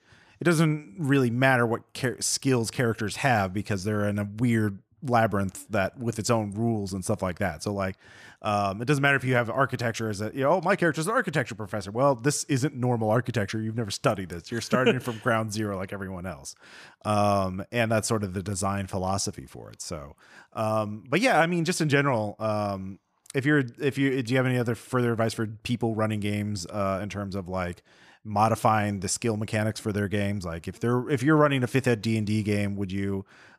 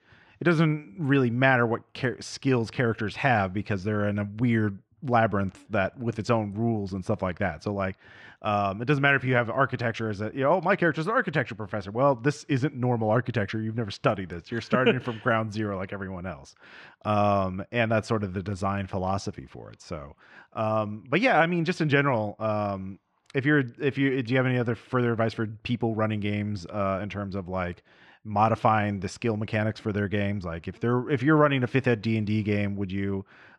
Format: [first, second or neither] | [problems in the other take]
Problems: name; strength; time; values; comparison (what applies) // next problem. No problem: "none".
first | muffled; slightly; fading above 3 kHz